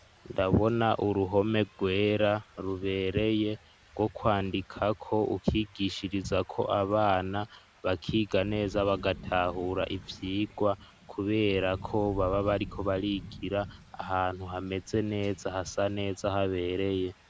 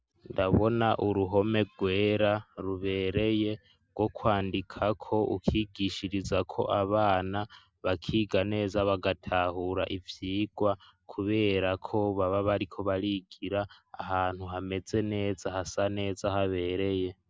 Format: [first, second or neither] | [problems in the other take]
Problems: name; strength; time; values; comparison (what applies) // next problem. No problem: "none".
second | background sound (Thunder / Rain); 19 dB below the speech